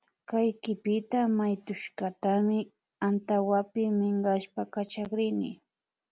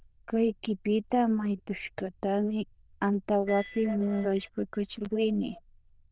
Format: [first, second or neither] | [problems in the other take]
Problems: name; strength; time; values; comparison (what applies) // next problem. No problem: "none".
first | noise reduction (neural diffusion model UNIVERSE++)